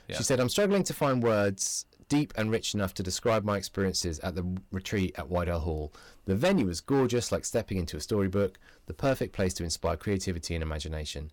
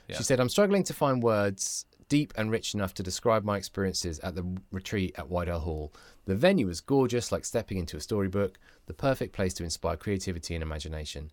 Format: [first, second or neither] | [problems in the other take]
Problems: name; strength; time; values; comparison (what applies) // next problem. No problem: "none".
second | distortion; slight; 4% of the sound clipped